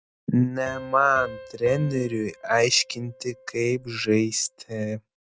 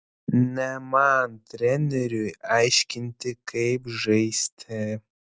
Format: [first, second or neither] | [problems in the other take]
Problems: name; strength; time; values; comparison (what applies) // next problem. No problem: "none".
second | background sound (Piano); 18 dB below the speech